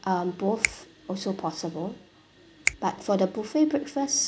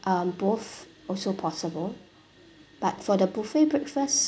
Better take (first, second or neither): second